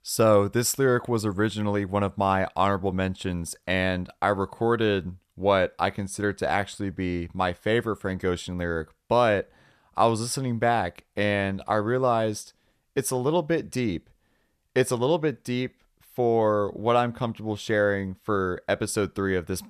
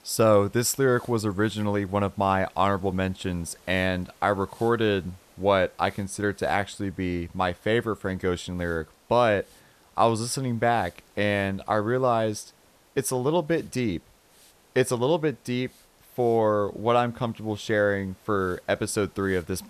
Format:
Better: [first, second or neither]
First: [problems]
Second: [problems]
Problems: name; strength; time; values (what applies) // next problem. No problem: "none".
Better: first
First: none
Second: hiss; faint; throughout; 30 dB below the speech